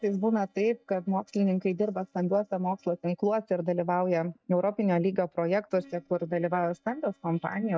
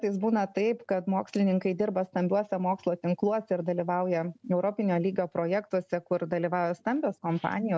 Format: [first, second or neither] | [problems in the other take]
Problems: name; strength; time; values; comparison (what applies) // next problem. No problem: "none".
second | noise reduction (neural mask model DeepFilterNet 3)